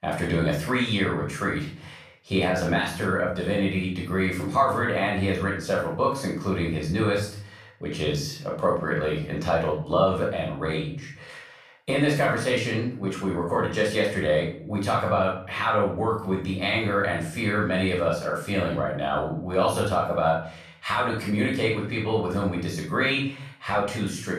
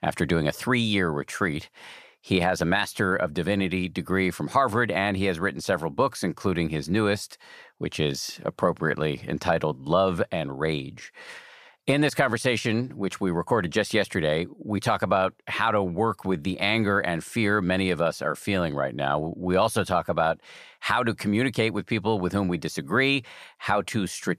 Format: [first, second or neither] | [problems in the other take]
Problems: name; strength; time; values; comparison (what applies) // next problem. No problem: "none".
second | off-mic speech; far // room echo; noticeable; dies away in 0.5 s